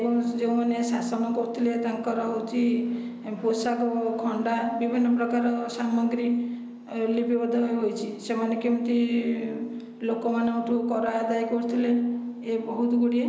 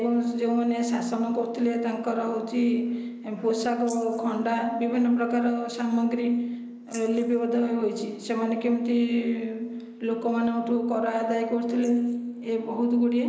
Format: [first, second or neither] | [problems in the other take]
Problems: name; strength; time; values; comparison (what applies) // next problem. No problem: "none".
first | noise reduction (neural mask model Resemble Enhance denoiser)